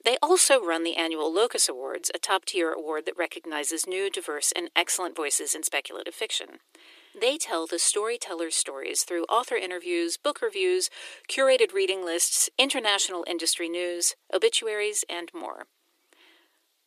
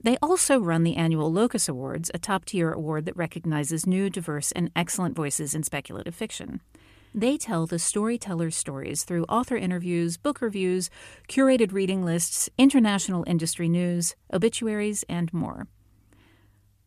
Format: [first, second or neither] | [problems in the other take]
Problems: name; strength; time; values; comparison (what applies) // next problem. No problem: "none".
second | thin; very; fading below 350 Hz